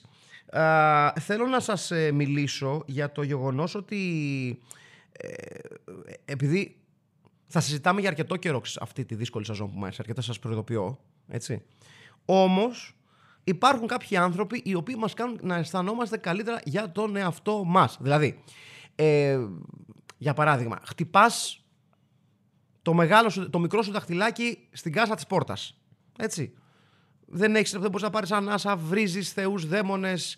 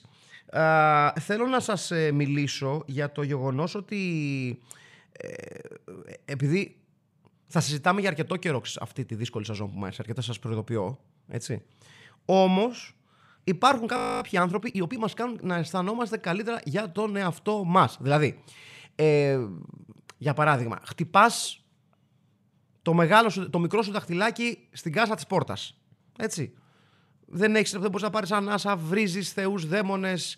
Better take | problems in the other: first | audio freezing; at 14 s

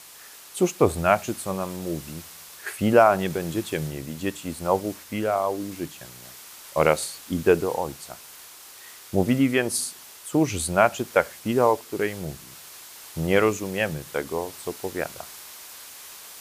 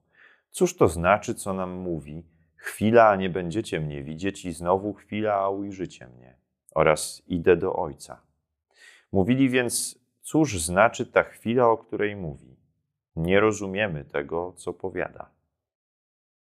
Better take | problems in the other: second | hiss; noticeable; throughout; 15 dB below the speech

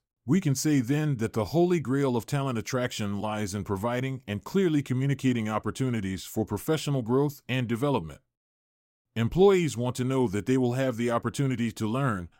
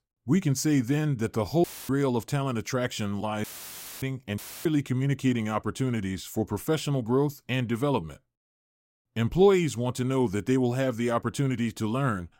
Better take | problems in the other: first | audio cutting out; filled with static; at 1.5 s, at 3.5 s for 0.5 s and at 4.5 s

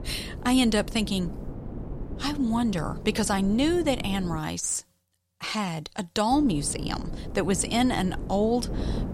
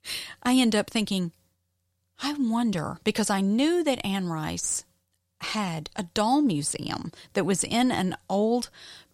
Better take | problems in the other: second | wind noise on the microphone; occasional gusts; until 4.5 s and from 6.5 s on; 15 dB below the speech

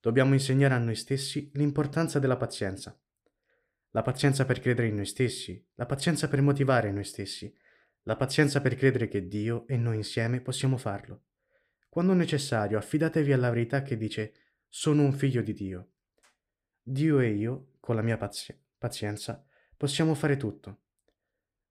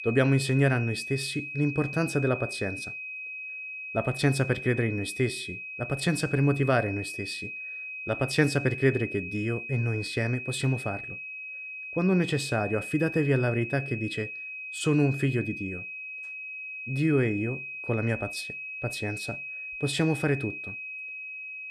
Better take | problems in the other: first | high-pitched whine; loud; throughout; 2.5 kHz, 7 dB below the speech

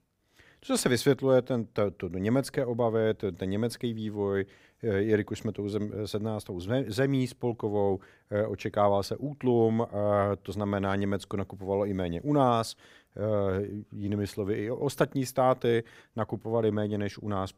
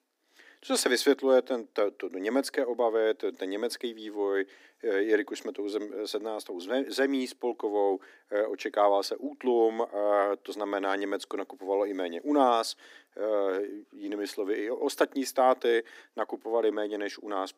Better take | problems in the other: first | thin; very slightly; fading below 250 Hz

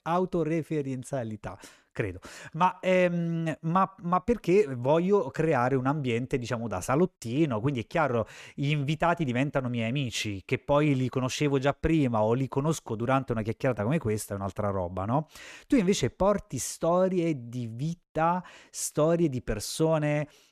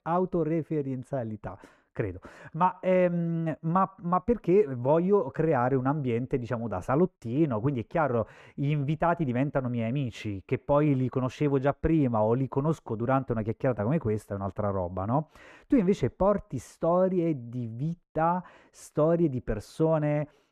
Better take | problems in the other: first | muffled; very; fading above 2.5 kHz

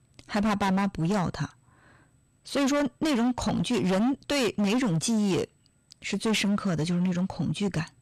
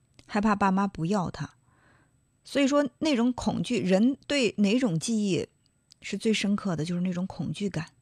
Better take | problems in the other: second | distortion; heavy; 19% of the sound clipped

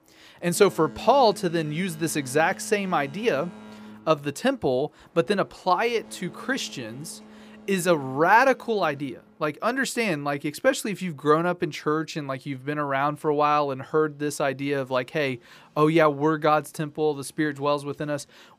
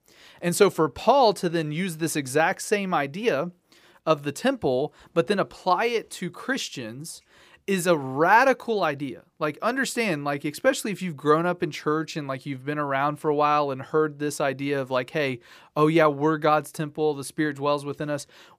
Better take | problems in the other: second | train or aircraft noise; faint; throughout; 20 dB below the speech

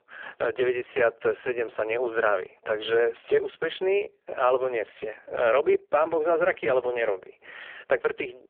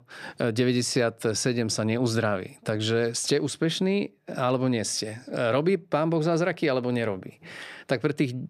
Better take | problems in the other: second | phone-call audio; poor line; nothing above 3.5 kHz

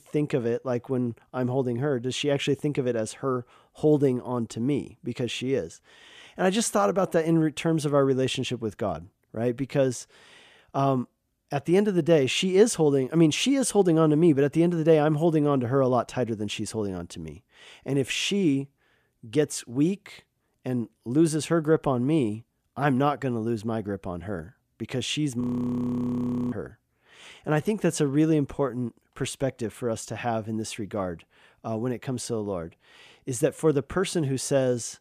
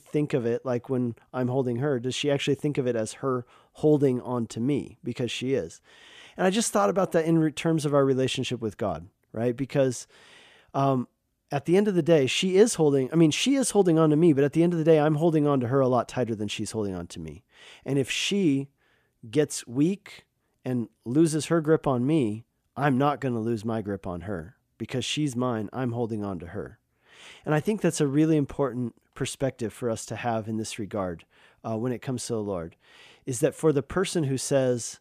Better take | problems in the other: second | audio freezing; at 25 s for 1 s

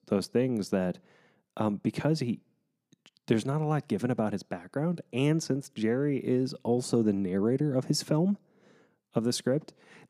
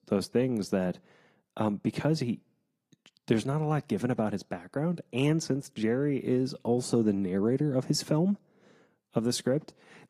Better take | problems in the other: first | garbled, watery; slightly

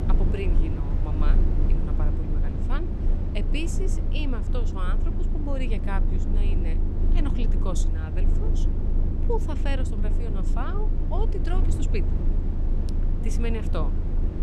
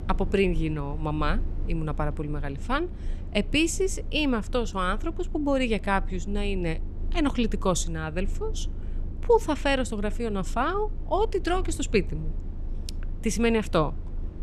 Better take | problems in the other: second | low rumble; loud; throughout; 3 dB below the speech; faint in the second

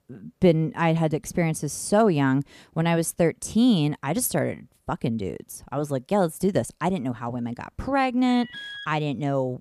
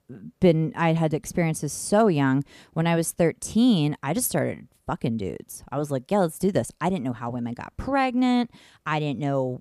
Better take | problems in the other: second | alarm; faint; at 8.5 s; peak 10 dB below the speech

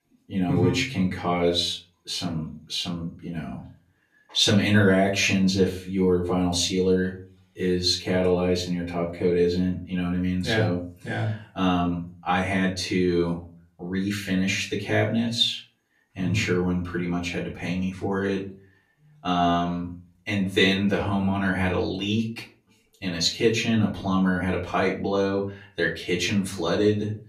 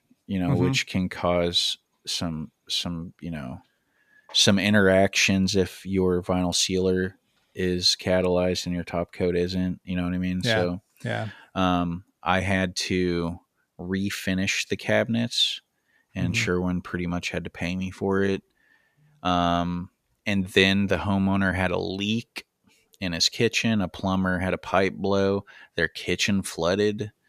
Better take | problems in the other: second | off-mic speech; far // room echo; slight; dies away in 0.4 s

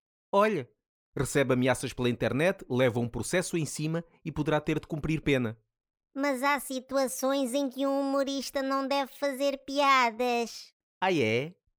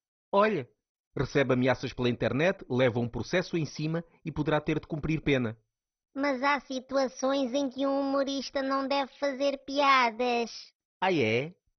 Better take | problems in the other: first | garbled, watery; badly; nothing above 6 kHz

